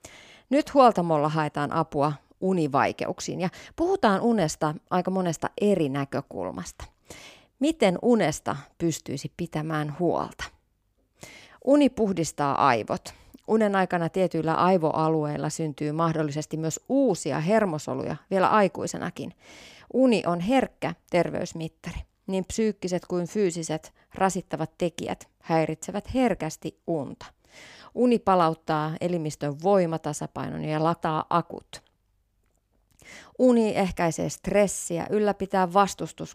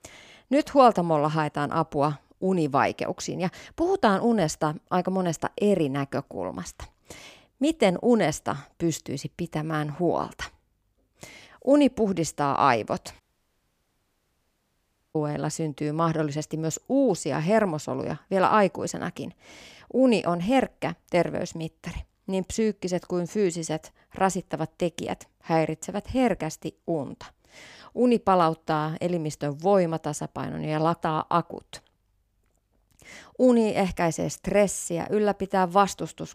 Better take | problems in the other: first | audio cutting out; at 13 s for 2 s

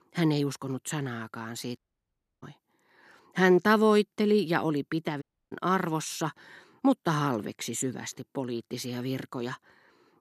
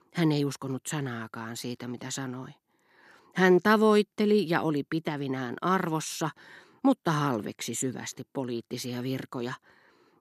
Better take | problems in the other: second | audio cutting out; at 2 s for 0.5 s and at 5 s

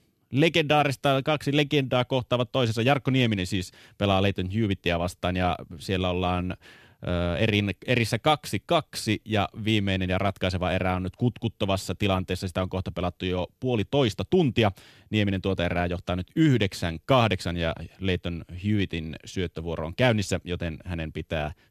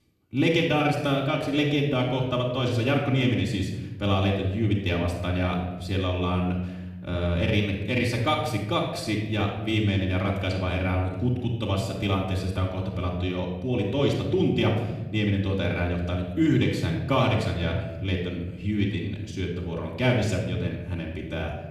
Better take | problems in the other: first | off-mic speech; far // room echo; noticeable; dies away in 1.3 s

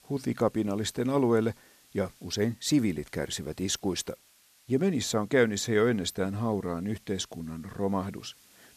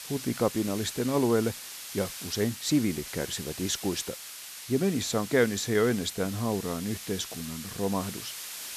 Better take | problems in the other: first | hiss; loud; throughout; 9 dB below the speech; faint in the first

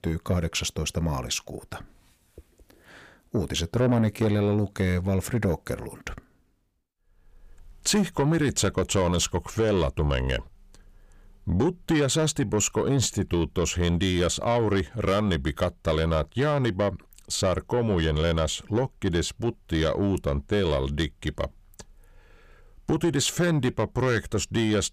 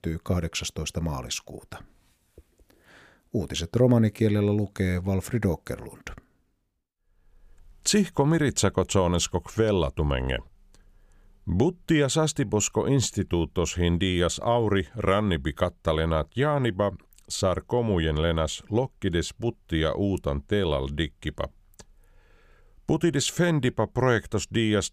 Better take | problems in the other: second | distortion; slight; 10 dB below the speech

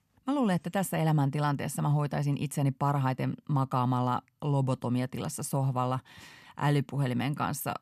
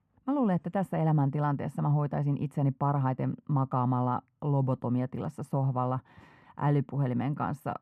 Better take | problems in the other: first | muffled; very; fading above 2.5 kHz

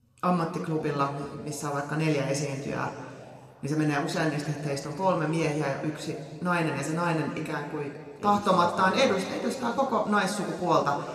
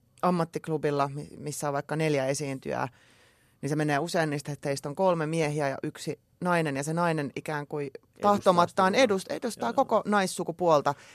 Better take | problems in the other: second | room echo; slight; dies away in 2.2 s

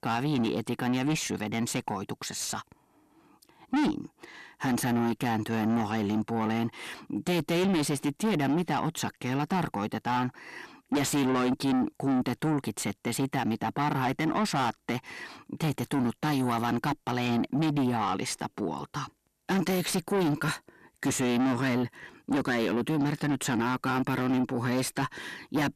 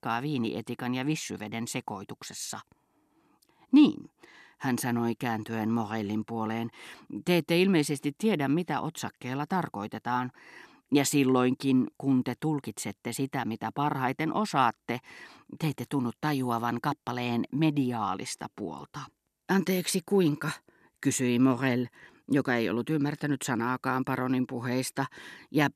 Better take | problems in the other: second | distortion; heavy; 6 dB below the speech

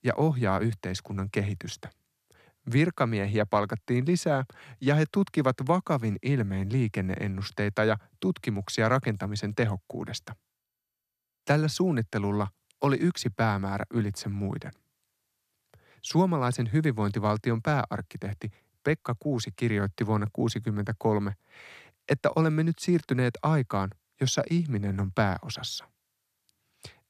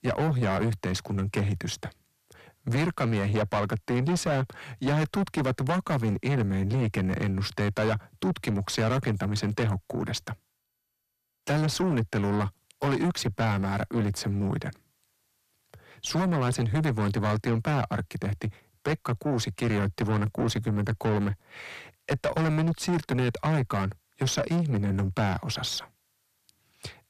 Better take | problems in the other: first | distortion; heavy; 6 dB below the speech

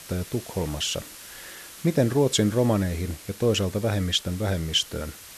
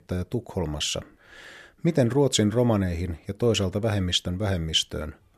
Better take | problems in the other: second | hiss; noticeable; throughout; 15 dB below the speech

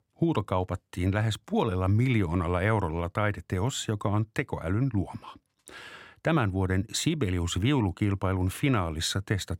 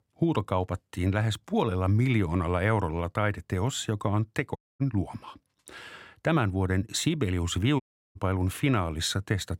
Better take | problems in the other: first | audio cutting out; at 4.5 s and at 8 s

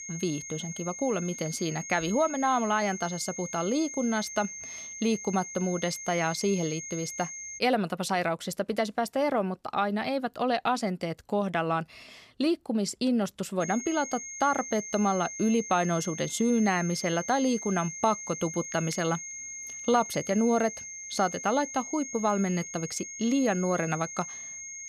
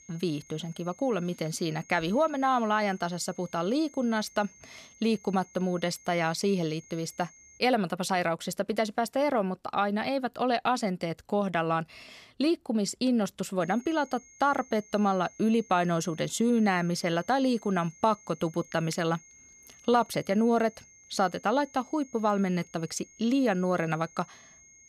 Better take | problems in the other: second | high-pitched whine; loud; until 7.5 s and from 14 s on; 6.5 kHz, 9 dB below the speech; faint in the second

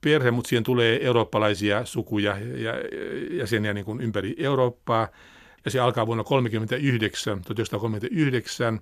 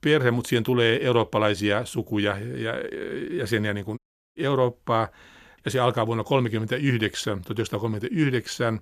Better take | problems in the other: first | audio cutting out; at 4 s

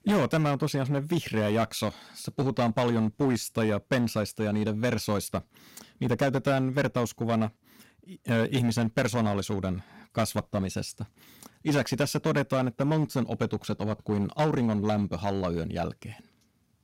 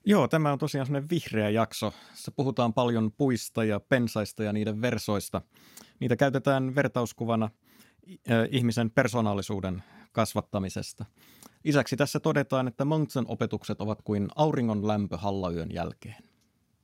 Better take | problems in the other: second | distortion; slight; 7% of the sound clipped

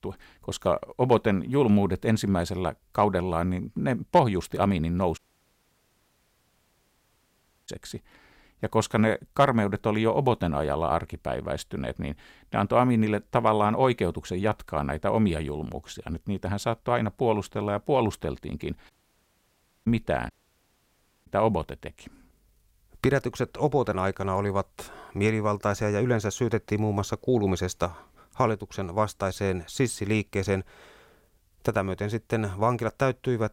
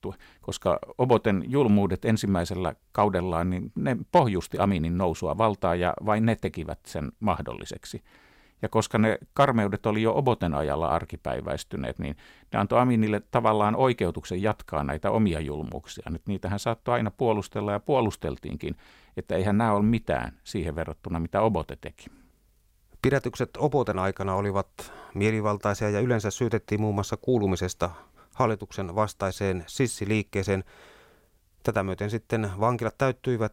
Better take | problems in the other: second | audio cutting out; at 5 s for 2.5 s, at 19 s for 1 s and at 20 s for 1 s

